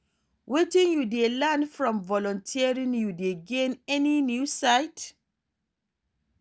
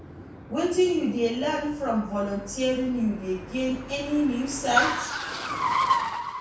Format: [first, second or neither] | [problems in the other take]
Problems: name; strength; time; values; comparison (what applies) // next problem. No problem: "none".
first | background sound (Car); 4 dB below the speech // room echo; dies away in 0.6 s